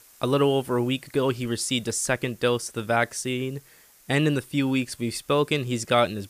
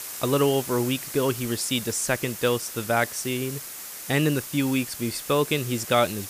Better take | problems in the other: first | hiss; loud; throughout; 9 dB below the speech; faint in the first

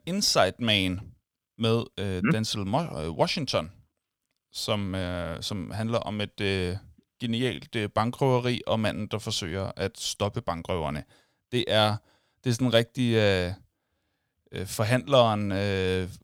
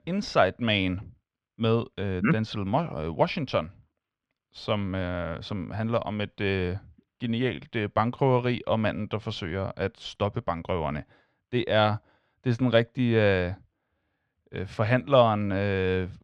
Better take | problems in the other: first | muffled; slightly; fading above 2 kHz

